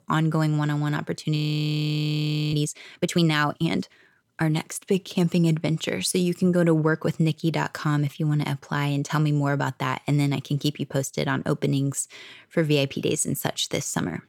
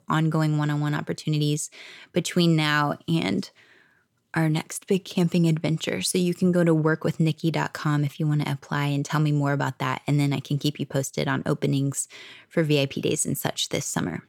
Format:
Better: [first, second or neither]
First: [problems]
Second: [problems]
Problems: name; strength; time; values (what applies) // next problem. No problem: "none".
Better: second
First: audio freezing; at 1.5 s for 1 s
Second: none